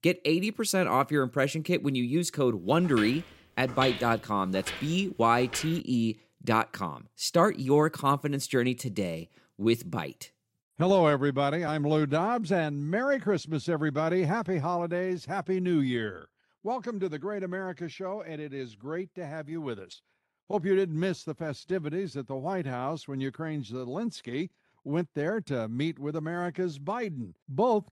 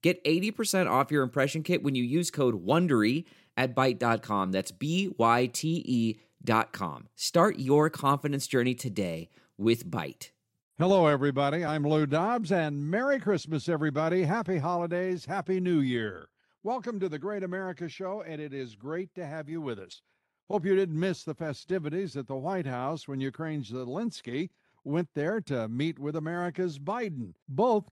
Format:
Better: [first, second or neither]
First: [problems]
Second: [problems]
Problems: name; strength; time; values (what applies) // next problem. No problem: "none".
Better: second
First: footsteps; noticeable; from 3 to 6 s; peak 4 dB below the speech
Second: none